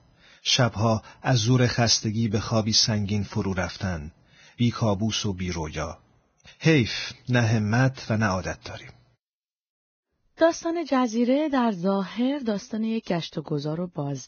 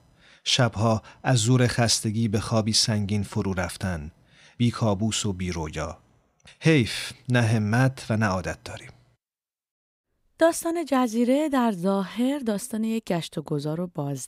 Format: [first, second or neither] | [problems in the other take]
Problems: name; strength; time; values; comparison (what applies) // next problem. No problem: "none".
second | garbled, watery; badly; nothing above 6.5 kHz